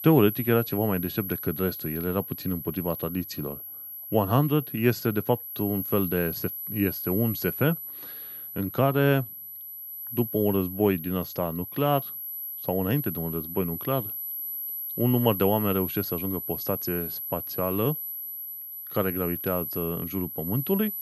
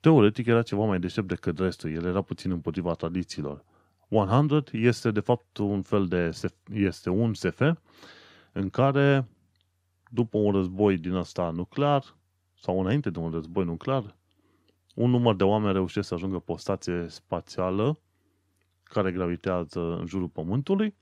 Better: second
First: high-pitched whine; loud; throughout; 12 kHz, 6 dB below the speech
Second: none

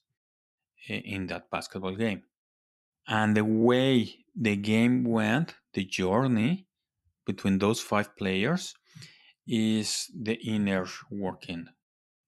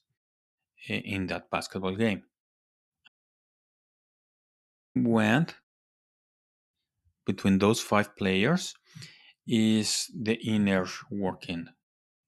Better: first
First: none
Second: audio cutting out; at 3 s for 2 s and at 5.5 s for 1 s

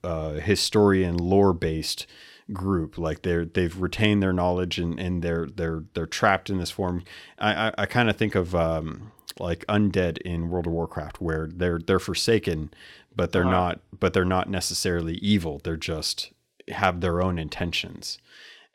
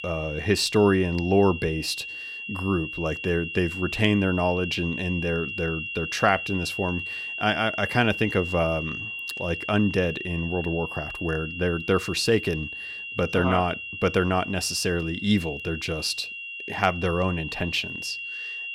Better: first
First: none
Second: high-pitched whine; loud; throughout; 3 kHz, 7 dB below the speech

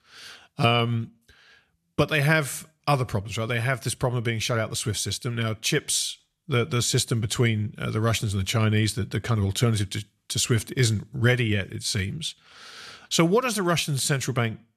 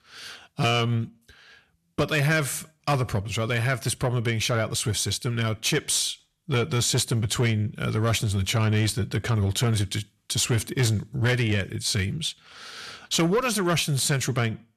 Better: first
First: none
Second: distortion; slight; 10 dB below the speech

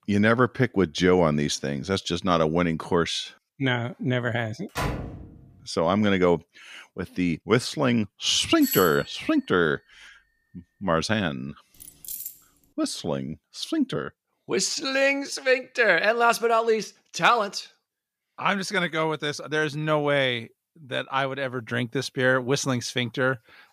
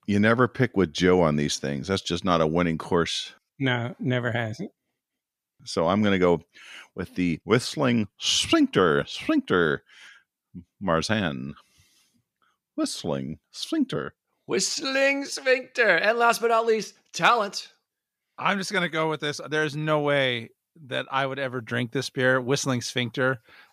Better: second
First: door banging; noticeable; at 5 s; peak 5 dB below the speech // doorbell; noticeable; at 8.5 s; peak 4 dB below the speech // jangling keys; noticeable; at 12 s; peak 9 dB below the speech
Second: none

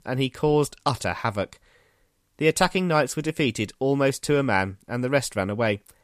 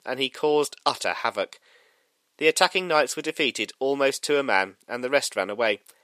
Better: first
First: none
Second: thin; somewhat; fading below 450 Hz

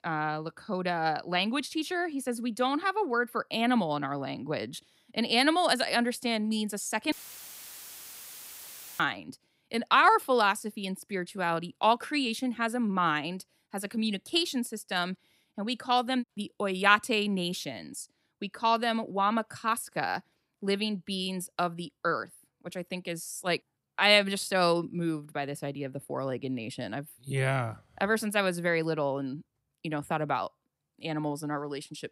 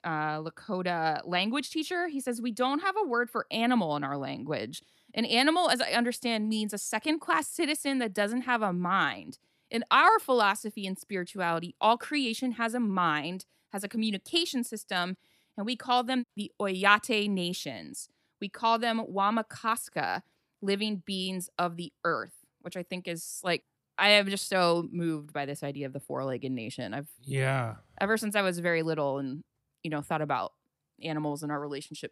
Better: second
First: audio cutting out; filled with static; at 7 s for 2 s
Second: none

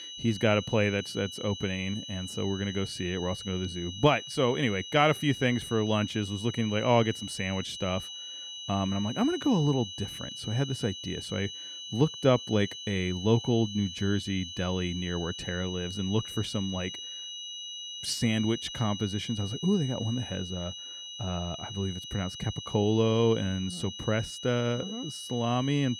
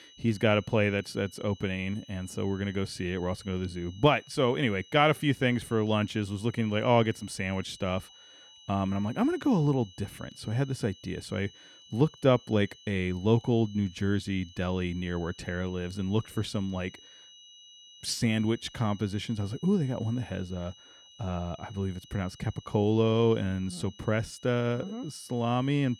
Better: second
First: high-pitched whine; loud; throughout; 3 kHz, 9 dB below the speech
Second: high-pitched whine; faint; throughout; 3 kHz, 20 dB below the speech

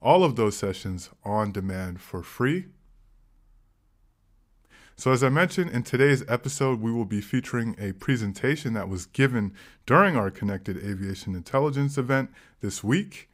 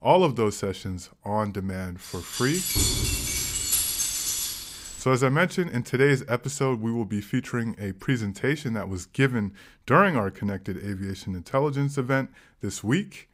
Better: first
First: none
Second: jangling keys; loud; from 2.5 to 5 s; peak 4 dB above the speech

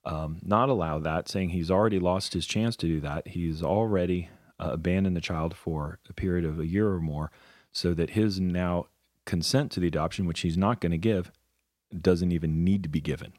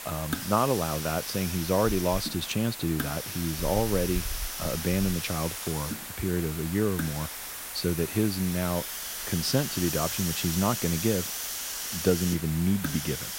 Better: first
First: none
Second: hiss; loud; throughout; 4 dB below the speech

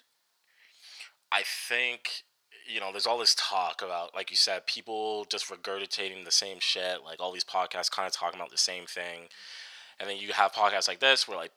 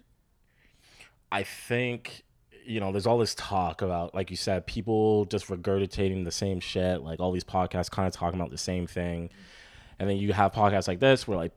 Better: second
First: thin; very; fading below 950 Hz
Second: none

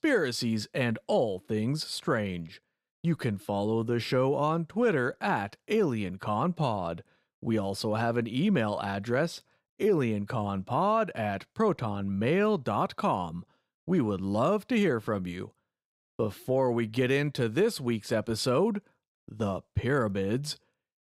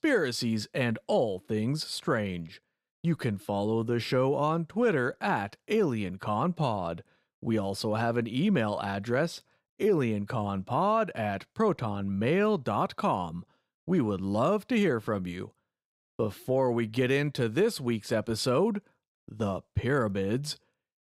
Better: neither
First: none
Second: none

